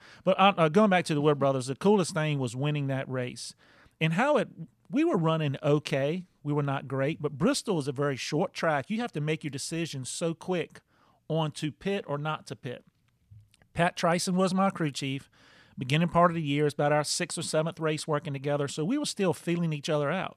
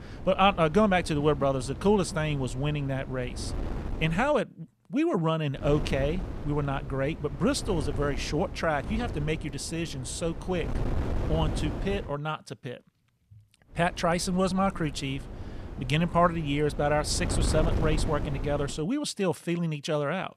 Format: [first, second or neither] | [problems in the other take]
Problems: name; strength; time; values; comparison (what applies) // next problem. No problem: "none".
first | wind noise on the microphone; occasional gusts; until 4.5 s, from 5.5 to 12 s and from 14 to 19 s; 15 dB below the speech